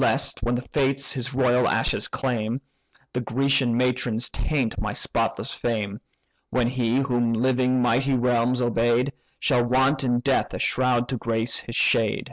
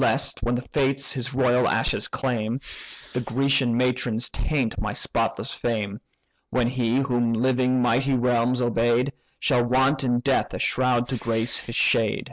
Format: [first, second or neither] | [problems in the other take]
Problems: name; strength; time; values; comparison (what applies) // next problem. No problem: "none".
first | noise reduction (neural mask model Resemble Enhance denoiser)